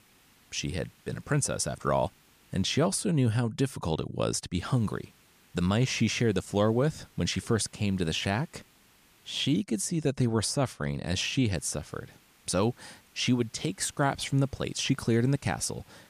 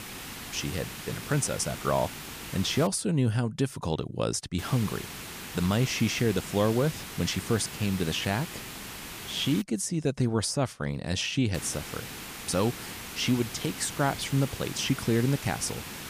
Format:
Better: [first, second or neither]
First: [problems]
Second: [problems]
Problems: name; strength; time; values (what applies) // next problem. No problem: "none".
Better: first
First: hiss; faint; until 3 s, from 4.5 to 9.5 s and from 12 s on; 30 dB below the speech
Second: hiss; loud; until 3 s, from 4.5 to 9.5 s and from 12 s on; 10 dB below the speech